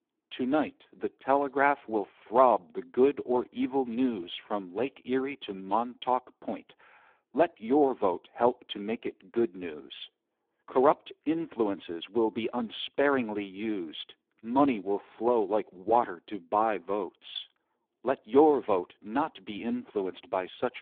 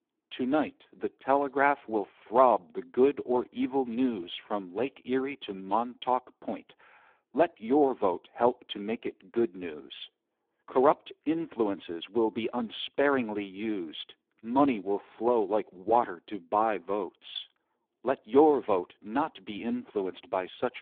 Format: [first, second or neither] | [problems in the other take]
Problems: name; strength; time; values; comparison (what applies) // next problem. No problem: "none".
neither | phone-call audio; poor line; nothing above 3.5 kHz; the same in both